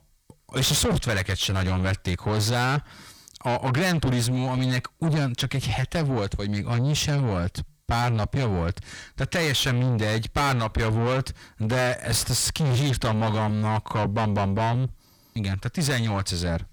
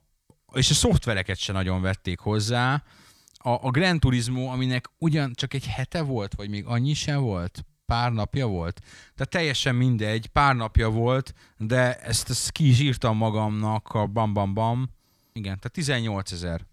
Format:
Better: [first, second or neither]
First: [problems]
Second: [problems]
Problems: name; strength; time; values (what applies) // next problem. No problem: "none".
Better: second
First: distortion; heavy; 5 dB below the speech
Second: none